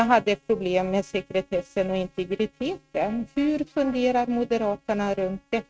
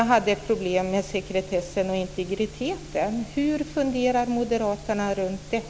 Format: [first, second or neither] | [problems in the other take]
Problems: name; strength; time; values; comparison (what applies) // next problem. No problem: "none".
second | noise reduction (neural mask model RNNoise)